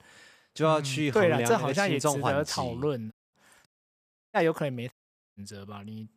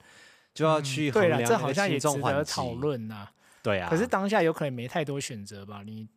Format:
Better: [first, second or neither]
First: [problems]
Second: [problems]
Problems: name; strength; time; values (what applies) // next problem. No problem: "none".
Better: second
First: audio cutting out; at 3 s, at 3.5 s for 0.5 s and at 5 s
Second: none